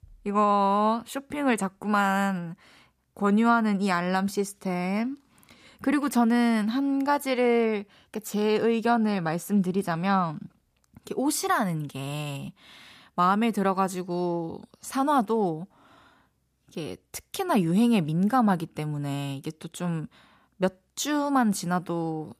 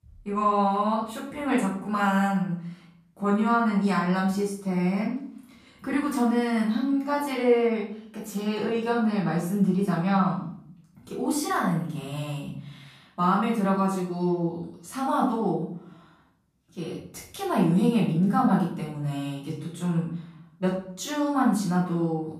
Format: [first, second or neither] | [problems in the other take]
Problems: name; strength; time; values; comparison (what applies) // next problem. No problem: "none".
first | off-mic speech; far // room echo; noticeable; dies away in 0.6 s